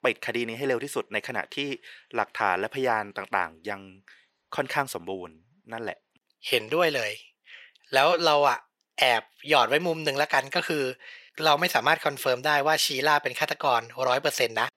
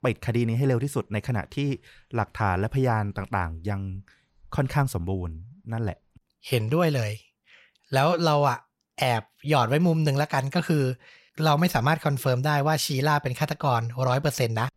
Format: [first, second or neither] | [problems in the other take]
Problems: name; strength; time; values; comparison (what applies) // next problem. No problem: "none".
second | thin; very; fading below 450 Hz